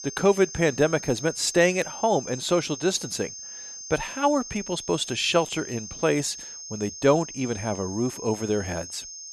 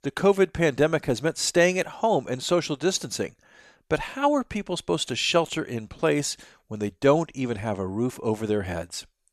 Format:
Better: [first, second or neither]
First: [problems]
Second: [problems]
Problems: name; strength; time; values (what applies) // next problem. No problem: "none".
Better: second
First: high-pitched whine; noticeable; throughout; 6.5 kHz, 10 dB below the speech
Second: none